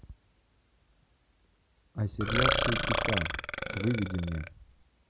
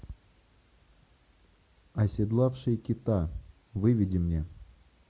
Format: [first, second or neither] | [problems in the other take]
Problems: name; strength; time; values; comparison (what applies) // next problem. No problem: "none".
second | background sound (Burping, eructation); 4 dB above the speech